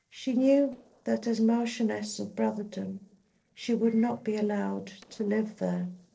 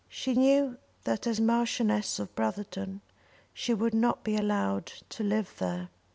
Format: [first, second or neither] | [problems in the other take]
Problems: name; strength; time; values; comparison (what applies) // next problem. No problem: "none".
second | noise reduction (neural separator model SepFormer DNS4)